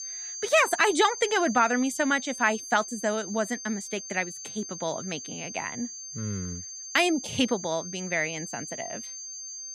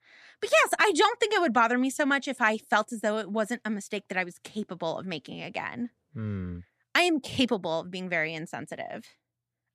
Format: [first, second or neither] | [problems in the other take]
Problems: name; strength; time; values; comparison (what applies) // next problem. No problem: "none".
second | high-pitched whine; loud; throughout; 6.5 kHz, 9 dB below the speech